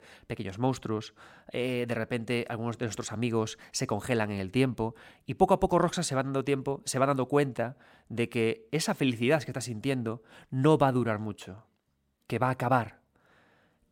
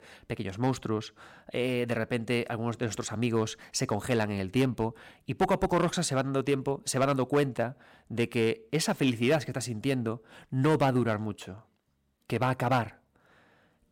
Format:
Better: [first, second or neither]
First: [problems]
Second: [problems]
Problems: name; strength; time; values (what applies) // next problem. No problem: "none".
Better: first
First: none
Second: distortion; slight; 2% of the sound clipped